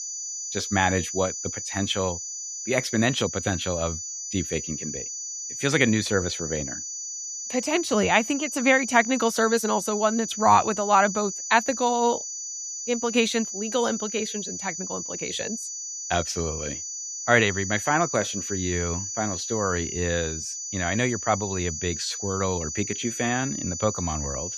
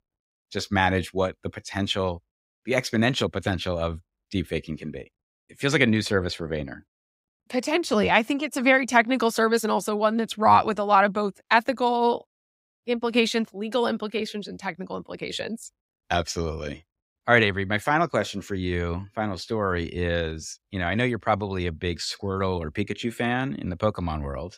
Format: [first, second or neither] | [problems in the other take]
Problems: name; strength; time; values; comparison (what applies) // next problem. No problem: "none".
second | high-pitched whine; loud; throughout; 6 kHz, 6 dB below the speech